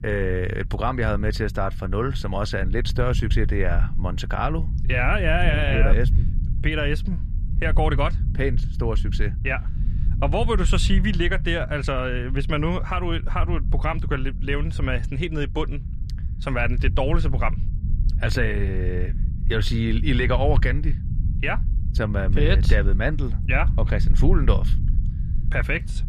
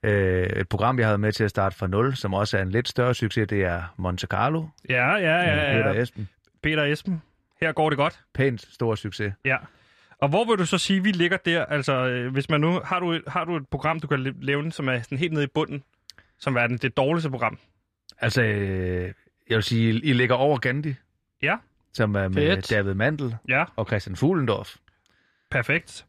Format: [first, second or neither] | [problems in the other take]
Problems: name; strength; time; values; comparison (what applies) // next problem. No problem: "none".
second | low rumble; noticeable; throughout; 15 dB below the speech